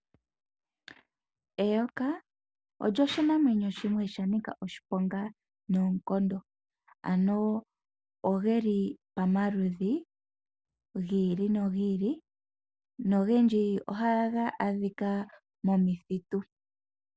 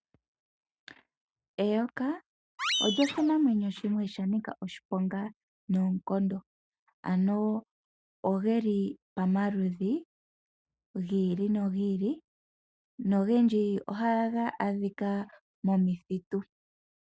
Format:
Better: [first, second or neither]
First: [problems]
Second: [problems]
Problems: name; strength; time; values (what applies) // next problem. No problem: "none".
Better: first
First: none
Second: noise reduction (neural mask model RNNoise)